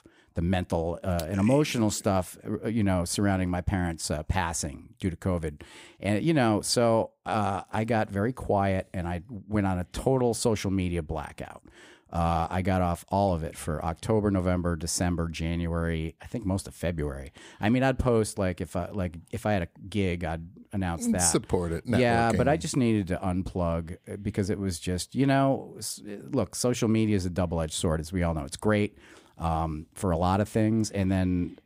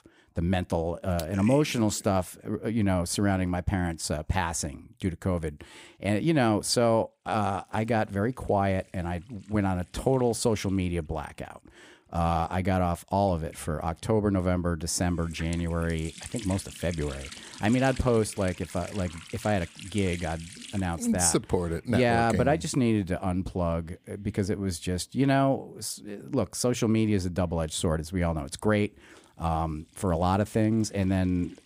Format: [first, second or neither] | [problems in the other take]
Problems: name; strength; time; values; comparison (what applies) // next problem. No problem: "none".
first | household noises; noticeable; from 7.5 s on; 15 dB below the speech